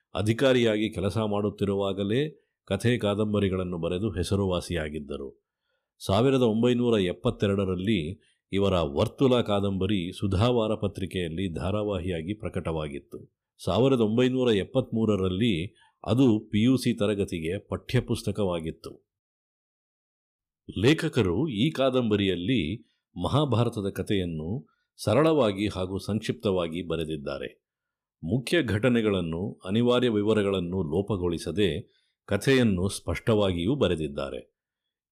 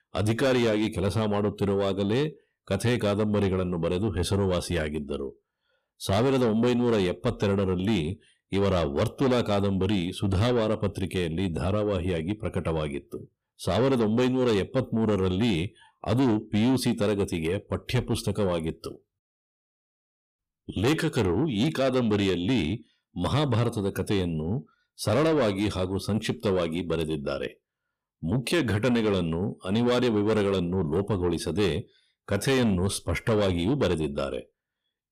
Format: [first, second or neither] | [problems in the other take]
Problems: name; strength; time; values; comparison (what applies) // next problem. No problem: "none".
first | distortion; slight; 10 dB below the speech